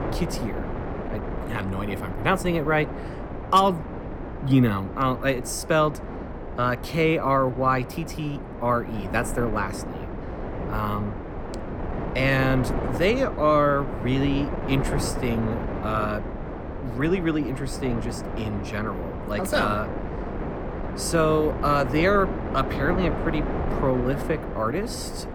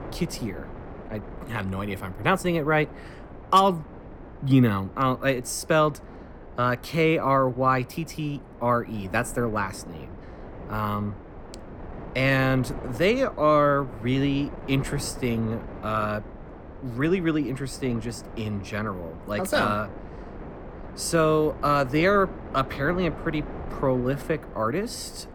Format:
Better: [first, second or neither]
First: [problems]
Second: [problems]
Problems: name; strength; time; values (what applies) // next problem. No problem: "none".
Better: second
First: wind noise on the microphone; heavy; 9 dB below the speech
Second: wind noise on the microphone; occasional gusts; 20 dB below the speech